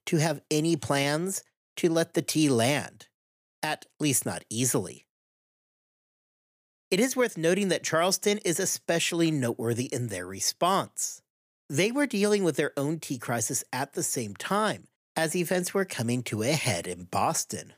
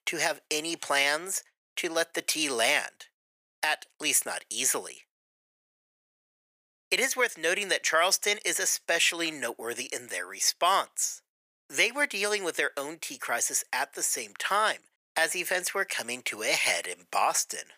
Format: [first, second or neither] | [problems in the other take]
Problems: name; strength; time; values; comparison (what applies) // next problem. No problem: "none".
first | thin; very; fading below 650 Hz